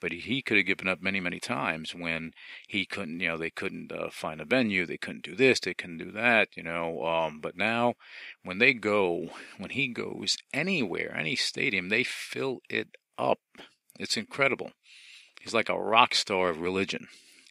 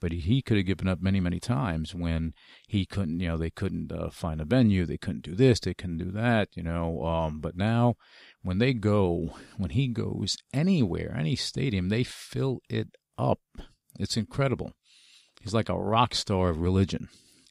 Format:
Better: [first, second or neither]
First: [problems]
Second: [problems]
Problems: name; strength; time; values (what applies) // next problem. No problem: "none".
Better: second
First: thin; somewhat; fading below 350 Hz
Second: none